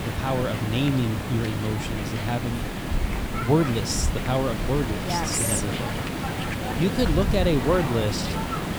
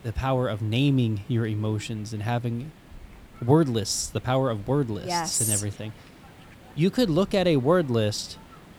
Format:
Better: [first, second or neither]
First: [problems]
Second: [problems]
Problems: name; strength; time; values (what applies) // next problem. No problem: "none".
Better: second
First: hiss; loud; throughout; 3 dB below the speech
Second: hiss; faint; throughout; 25 dB below the speech